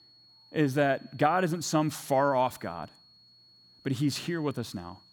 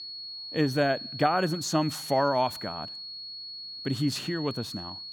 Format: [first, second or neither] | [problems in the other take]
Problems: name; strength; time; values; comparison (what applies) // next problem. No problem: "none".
first | high-pitched whine; loud; throughout; 4.5 kHz, 9 dB below the speech; faint in the first